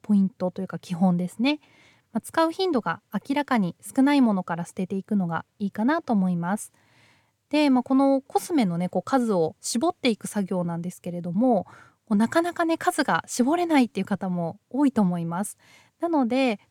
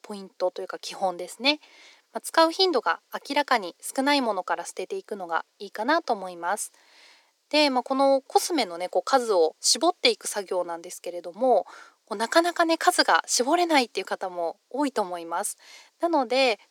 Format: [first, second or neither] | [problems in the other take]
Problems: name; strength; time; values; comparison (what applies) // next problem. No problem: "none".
first | thin; somewhat; fading below 350 Hz